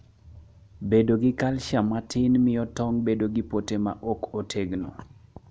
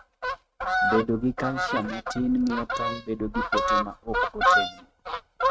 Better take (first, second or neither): first